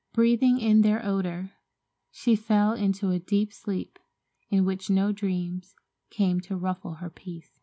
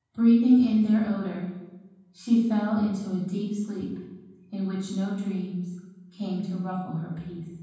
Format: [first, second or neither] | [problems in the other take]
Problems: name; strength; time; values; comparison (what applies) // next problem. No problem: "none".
first | room echo; dies away in 1.2 s